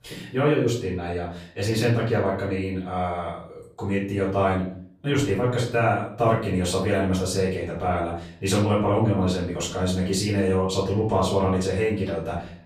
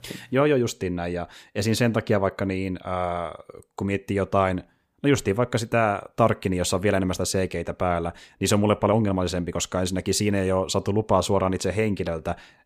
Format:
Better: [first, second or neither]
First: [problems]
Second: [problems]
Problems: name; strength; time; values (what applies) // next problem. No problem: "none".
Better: second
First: off-mic speech; far // room echo; noticeable; dies away in 0.5 s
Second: none